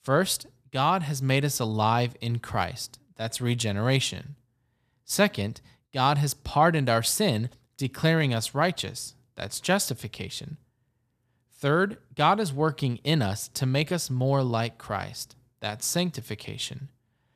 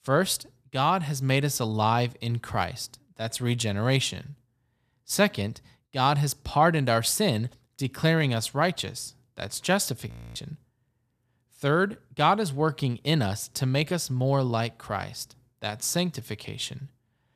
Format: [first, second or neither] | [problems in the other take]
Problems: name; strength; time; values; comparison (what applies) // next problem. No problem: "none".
first | audio freezing; at 10 s